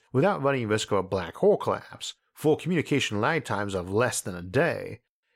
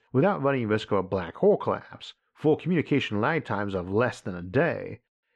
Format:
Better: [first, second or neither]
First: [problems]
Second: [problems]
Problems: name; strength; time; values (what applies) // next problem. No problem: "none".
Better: first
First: none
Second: muffled; slightly; fading above 3 kHz